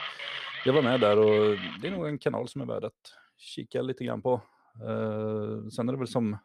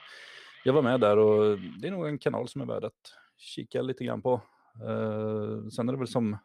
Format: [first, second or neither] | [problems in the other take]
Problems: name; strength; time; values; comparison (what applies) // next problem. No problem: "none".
second | machinery noise; loud; until 2 s; 7 dB below the speech; faint in the second